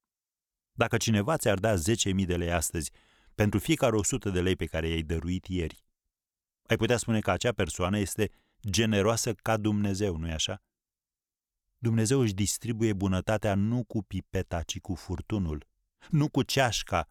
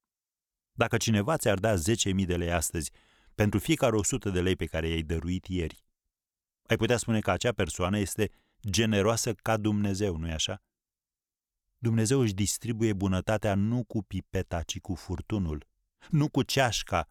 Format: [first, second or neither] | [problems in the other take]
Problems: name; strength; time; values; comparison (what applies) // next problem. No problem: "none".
neither | none